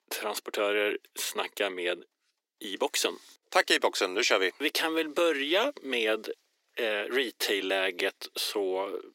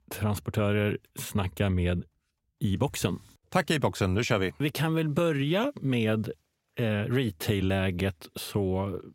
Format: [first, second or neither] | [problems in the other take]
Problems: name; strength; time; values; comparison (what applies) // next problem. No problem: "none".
second | thin; very; fading below 300 Hz